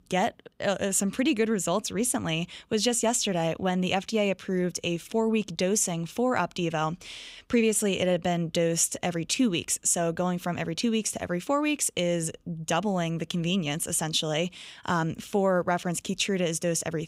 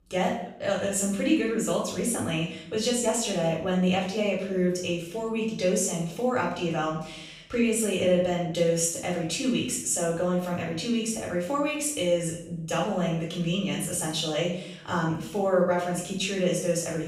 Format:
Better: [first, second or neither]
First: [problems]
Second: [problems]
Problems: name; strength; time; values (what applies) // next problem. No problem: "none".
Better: first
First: none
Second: room echo; noticeable; dies away in 0.6 s // off-mic speech; far